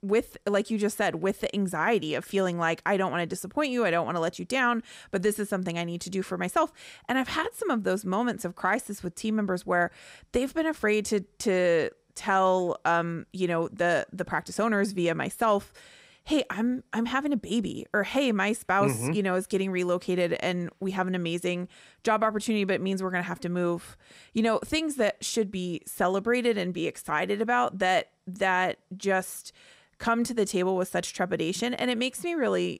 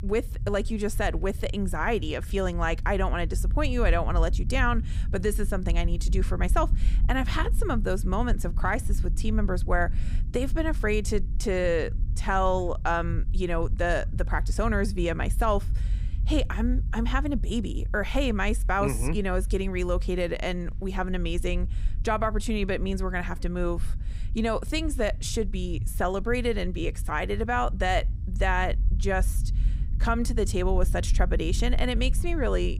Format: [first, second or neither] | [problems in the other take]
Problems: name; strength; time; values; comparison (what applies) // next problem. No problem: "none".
first | low rumble; faint; throughout; 20 dB below the speech